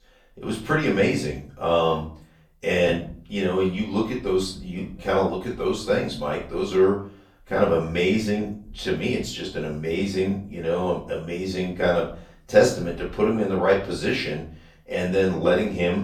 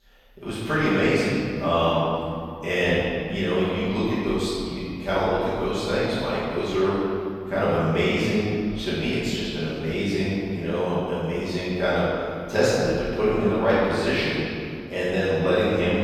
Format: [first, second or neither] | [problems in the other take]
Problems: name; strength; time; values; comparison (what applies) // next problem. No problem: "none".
first | room echo; strong; dies away in 2.2 s; slight in the first // off-mic speech; far; far in the first